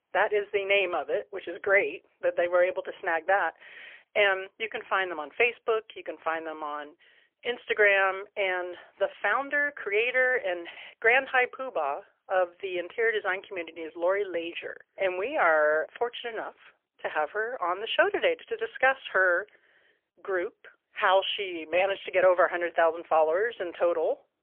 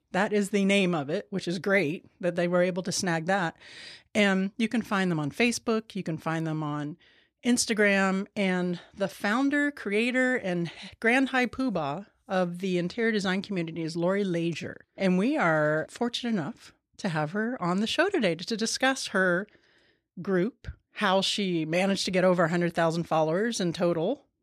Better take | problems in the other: second | phone-call audio; poor line; nothing above 3 kHz

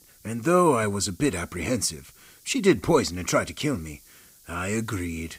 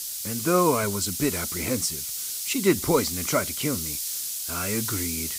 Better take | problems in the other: first | hiss; loud; throughout; 2 dB below the speech; faint in the first

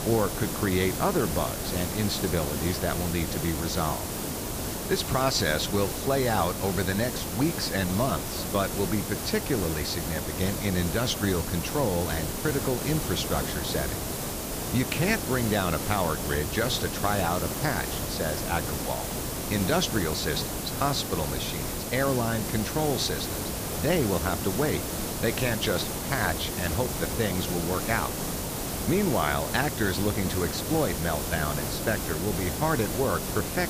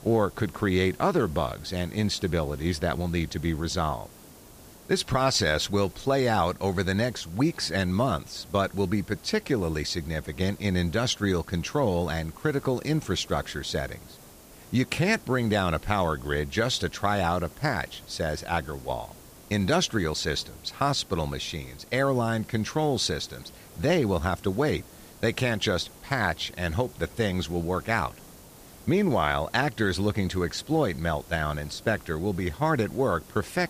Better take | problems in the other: second | hiss; loud; throughout; 2 dB below the speech; faint in the second

